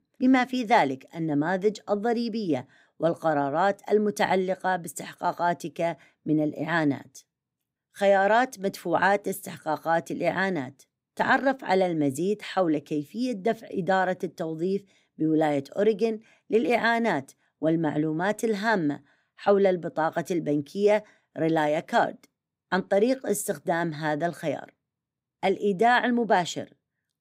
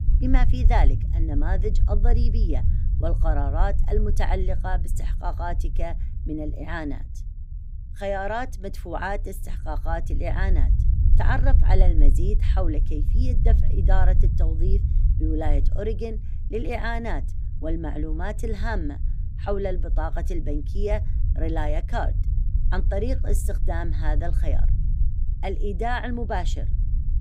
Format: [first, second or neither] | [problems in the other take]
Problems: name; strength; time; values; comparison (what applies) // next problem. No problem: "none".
first | low rumble; noticeable; throughout; 15 dB below the speech